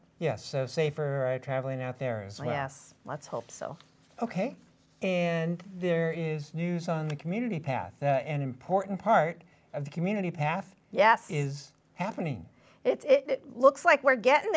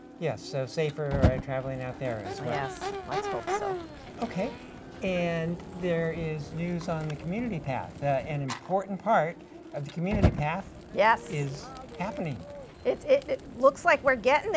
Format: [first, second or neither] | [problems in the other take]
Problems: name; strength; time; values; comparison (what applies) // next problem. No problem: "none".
first | background sound (Crowd / Race car, auto racing / Accelerating, revving, vroom + Fire); 6 dB below the speech